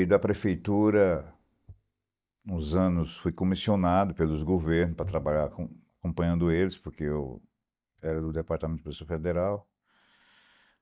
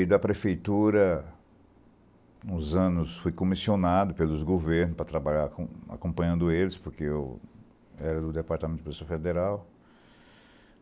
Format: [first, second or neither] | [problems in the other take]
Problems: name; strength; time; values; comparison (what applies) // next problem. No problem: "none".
second | noise reduction (neural mask model DeepFilterNet 3)